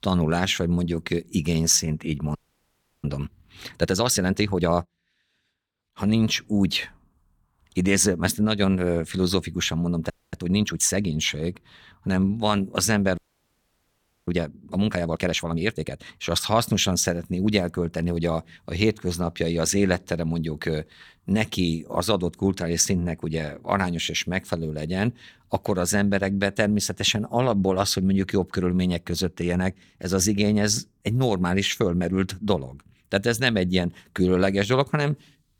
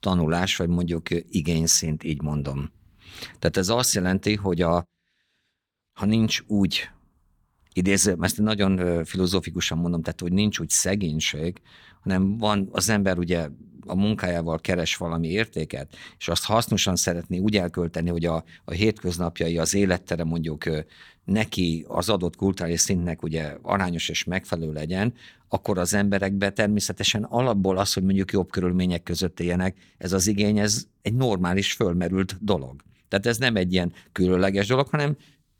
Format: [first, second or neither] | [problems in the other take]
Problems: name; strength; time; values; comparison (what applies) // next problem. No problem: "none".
second | audio freezing; at 2.5 s for 0.5 s, at 10 s and at 13 s for 1 s